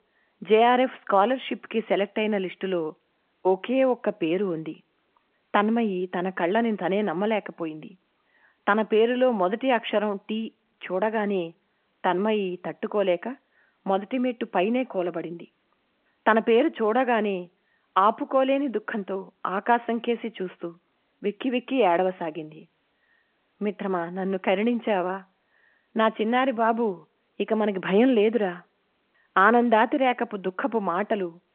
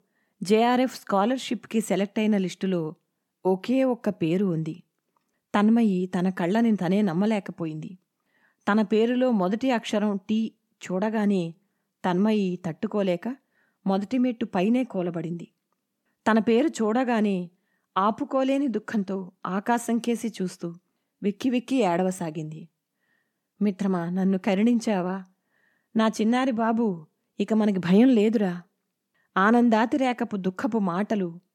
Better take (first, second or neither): second